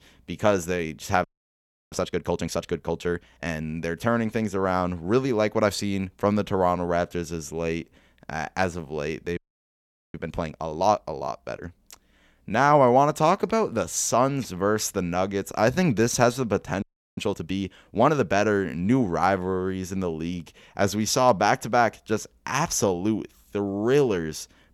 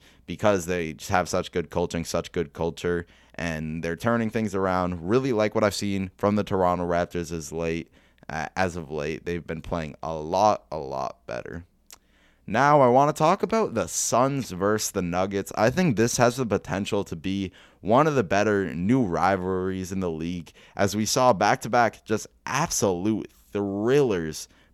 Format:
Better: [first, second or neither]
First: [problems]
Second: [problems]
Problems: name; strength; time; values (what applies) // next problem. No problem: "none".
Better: second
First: audio freezing; at 1 s for 0.5 s, at 9.5 s for 1 s and at 17 s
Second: none